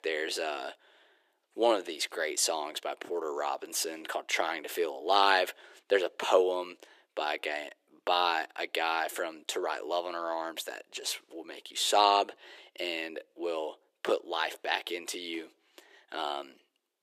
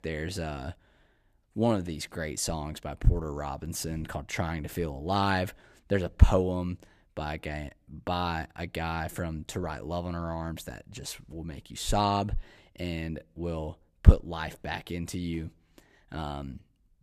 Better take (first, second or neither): second